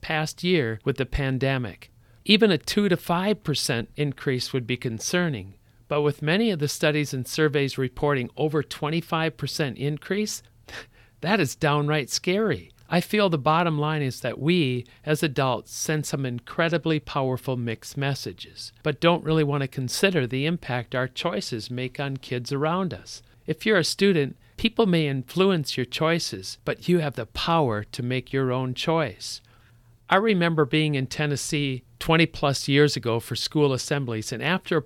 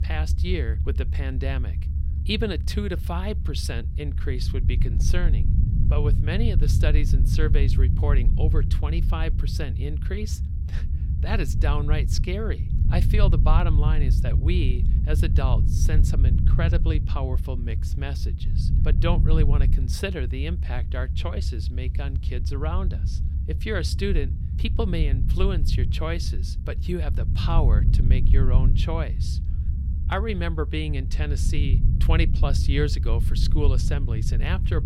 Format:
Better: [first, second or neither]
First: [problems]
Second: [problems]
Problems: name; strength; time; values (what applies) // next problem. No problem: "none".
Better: first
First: none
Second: low rumble; loud; throughout; 7 dB below the speech